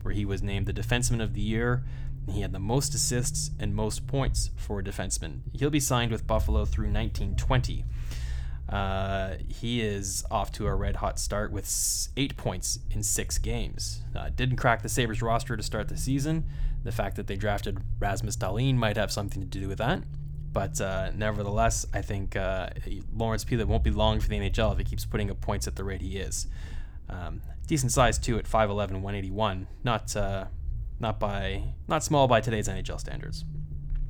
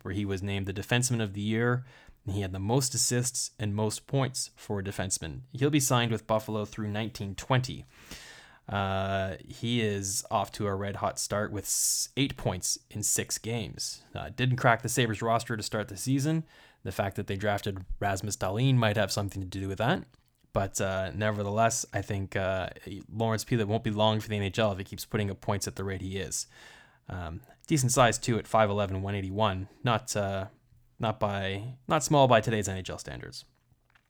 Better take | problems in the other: second | low rumble; faint; throughout; 20 dB below the speech

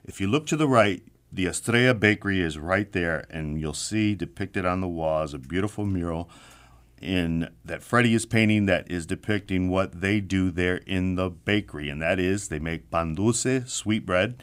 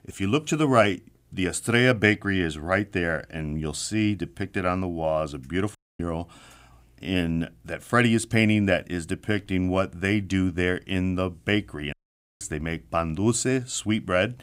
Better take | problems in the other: first | audio cutting out; at 6 s and at 12 s

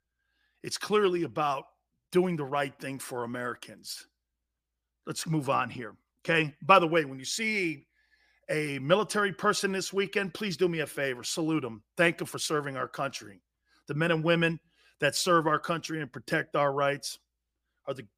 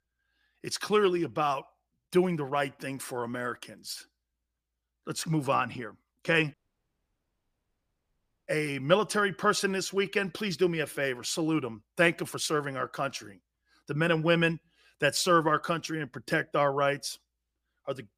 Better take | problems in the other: first | audio cutting out; at 6.5 s for 2 s

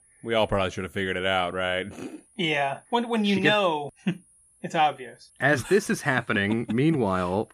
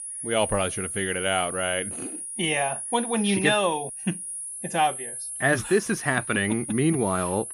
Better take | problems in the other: first | high-pitched whine; loud; throughout; 10.5 kHz, 6 dB below the speech; faint in the first

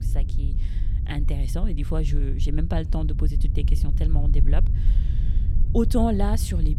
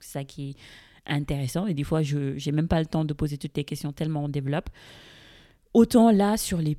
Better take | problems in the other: second | low rumble; noticeable; throughout; 10 dB below the speech

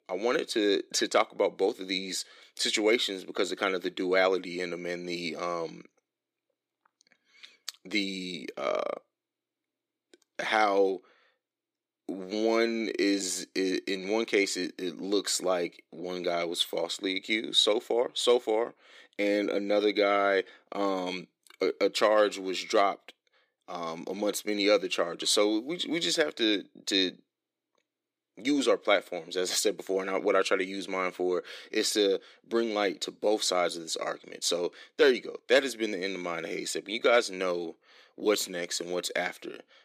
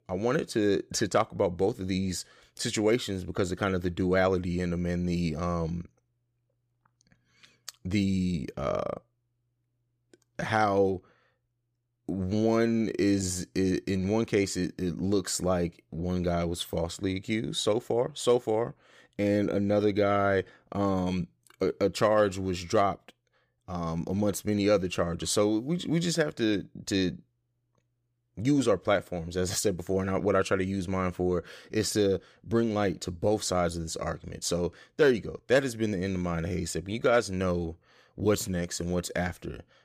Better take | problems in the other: second | thin; somewhat; fading below 300 Hz

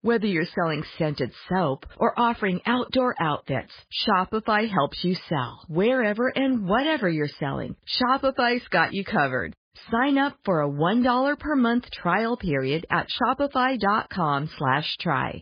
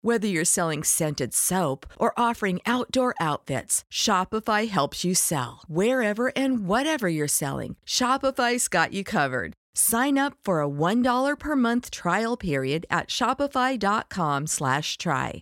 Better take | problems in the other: second | garbled, watery; badly; nothing above 5 kHz

